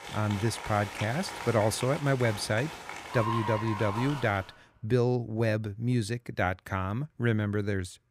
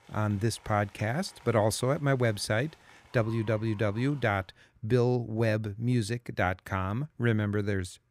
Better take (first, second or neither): second